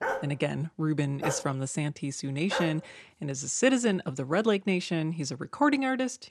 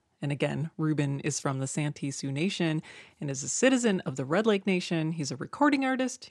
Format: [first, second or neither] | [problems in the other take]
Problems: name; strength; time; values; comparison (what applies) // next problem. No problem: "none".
second | dog barking; noticeable; until 3 s; peak 4 dB below the speech